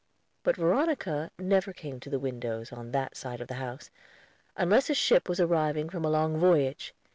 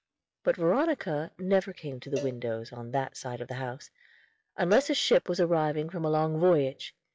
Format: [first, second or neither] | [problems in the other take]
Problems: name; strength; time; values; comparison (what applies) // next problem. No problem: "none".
first | noise reduction (classical method log-MMSE)